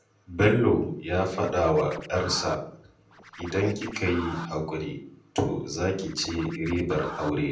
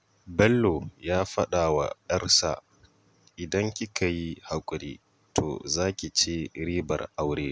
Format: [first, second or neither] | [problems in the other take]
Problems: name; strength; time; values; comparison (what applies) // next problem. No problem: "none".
second | background sound (Scratching (performance technique)); 13 dB below the speech // room echo; dies away in 0.6 s